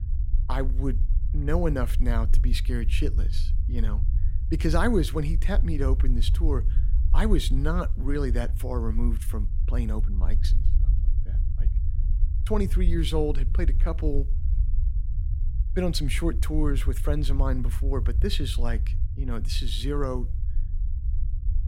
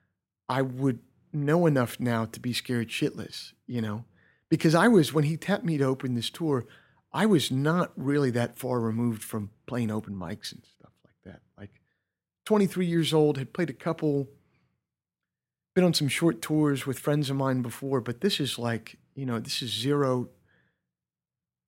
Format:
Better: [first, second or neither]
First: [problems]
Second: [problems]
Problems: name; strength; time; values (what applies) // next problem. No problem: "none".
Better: second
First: low rumble; noticeable; throughout; 15 dB below the speech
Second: none